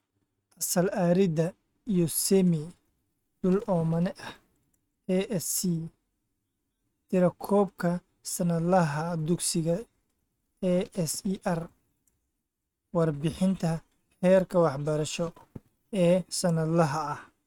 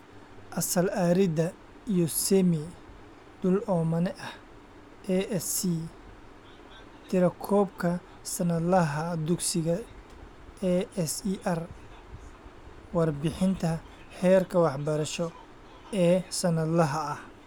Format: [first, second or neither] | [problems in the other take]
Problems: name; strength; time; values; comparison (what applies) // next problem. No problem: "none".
second | noise reduction (neural mask model RNNoise)